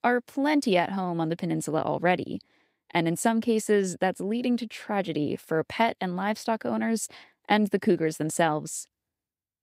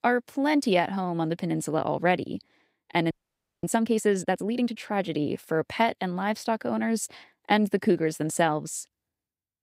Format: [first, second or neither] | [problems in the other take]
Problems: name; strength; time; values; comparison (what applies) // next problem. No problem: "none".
first | audio freezing; at 3 s for 0.5 s